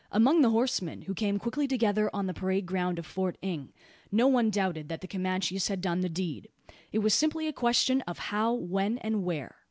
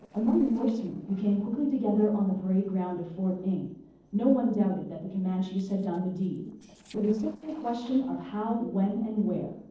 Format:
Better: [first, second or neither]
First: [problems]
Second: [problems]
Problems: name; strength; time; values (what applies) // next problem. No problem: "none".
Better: first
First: none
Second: noise reduction (neural separator model SepFormer DNS4)